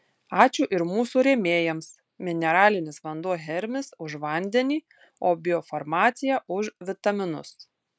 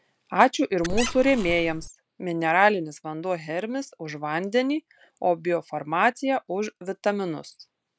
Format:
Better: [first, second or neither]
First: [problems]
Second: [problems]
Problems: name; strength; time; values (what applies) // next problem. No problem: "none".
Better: first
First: none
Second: background sound (Squeak); 5 dB below the speech